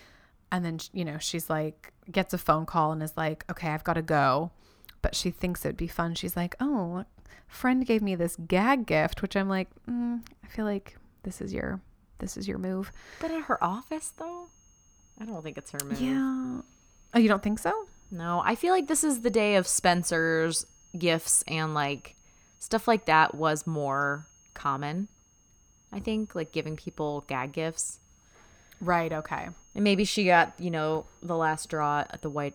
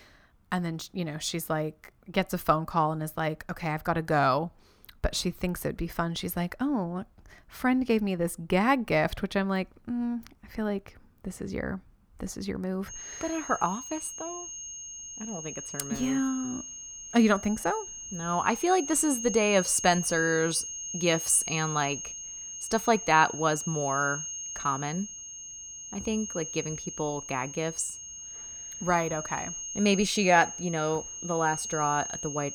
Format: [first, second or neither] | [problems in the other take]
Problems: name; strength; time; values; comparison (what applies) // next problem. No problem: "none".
first | high-pitched whine; loud; from 13 s on; 6.5 kHz, 7 dB below the speech; faint in the first